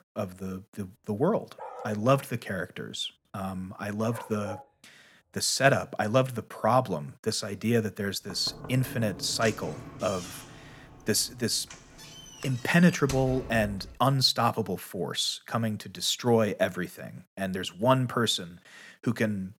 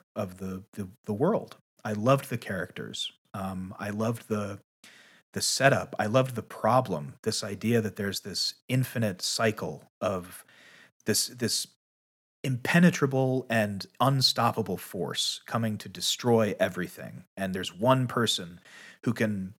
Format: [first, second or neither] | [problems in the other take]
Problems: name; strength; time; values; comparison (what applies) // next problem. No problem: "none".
second | dog barking; faint; from 1.5 to 4.5 s; peak 15 dB below the speech // door banging; faint; from 8.5 to 14 s; peak 10 dB below the speech